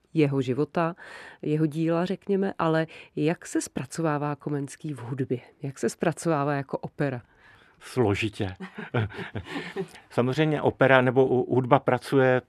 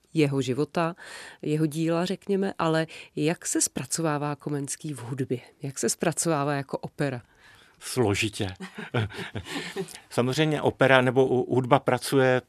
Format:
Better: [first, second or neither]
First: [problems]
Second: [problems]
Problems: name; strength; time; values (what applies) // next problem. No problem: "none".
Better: second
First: muffled; slightly; fading above 3.5 kHz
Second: none